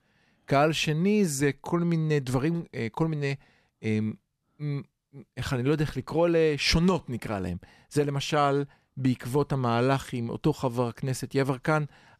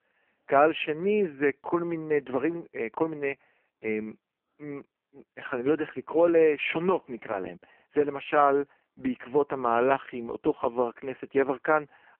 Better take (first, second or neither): first